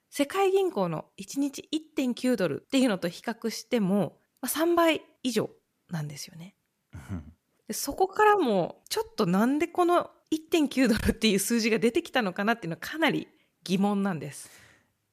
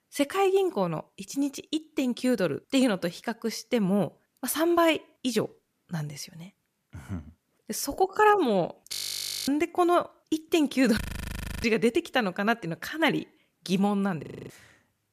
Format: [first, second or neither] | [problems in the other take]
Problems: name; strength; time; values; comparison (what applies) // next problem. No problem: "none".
first | audio freezing; at 9 s for 0.5 s, at 11 s for 0.5 s and at 14 s